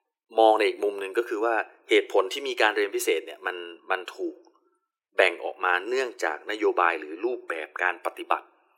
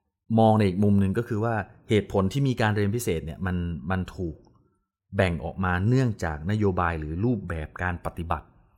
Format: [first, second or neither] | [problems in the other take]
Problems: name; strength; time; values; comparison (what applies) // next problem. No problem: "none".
second | thin; very; fading below 350 Hz